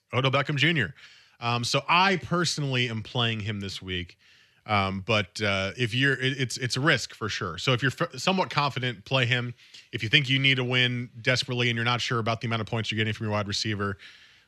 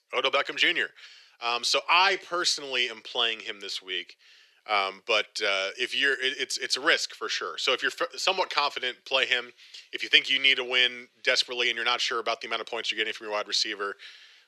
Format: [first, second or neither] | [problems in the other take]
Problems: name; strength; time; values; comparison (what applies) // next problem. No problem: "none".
first | thin; very; fading below 400 Hz